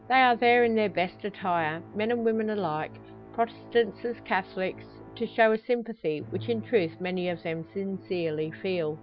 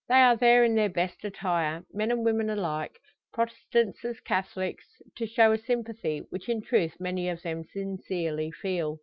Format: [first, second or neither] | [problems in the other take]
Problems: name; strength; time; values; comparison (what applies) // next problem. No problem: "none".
second | background sound (Musical instrument); 18 dB below the speech